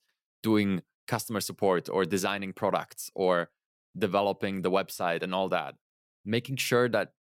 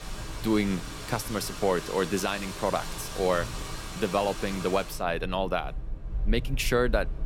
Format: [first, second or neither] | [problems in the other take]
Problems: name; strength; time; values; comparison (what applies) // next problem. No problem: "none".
first | wind in the background; loud; throughout; 8 dB below the speech